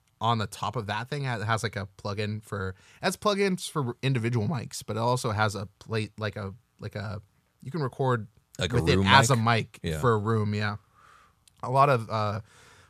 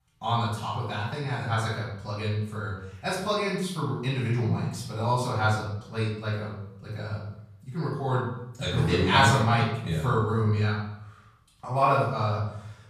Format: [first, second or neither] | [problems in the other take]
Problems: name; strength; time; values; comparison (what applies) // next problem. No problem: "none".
first | off-mic speech; far // room echo; noticeable; dies away in 0.7 s